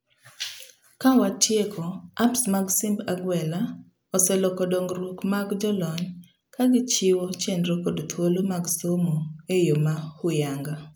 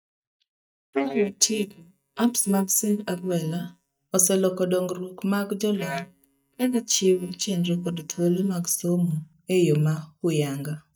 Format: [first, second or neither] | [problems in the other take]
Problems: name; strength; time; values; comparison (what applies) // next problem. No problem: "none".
first | noise reduction (neural mask model DeepFilterNet 3)